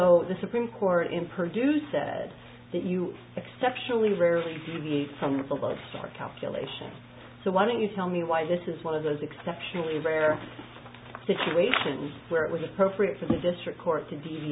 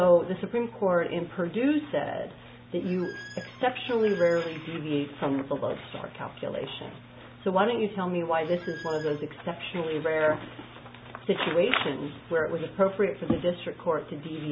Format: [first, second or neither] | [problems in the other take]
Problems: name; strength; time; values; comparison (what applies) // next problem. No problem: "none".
first | background sound (Squeak); 17 dB below the speech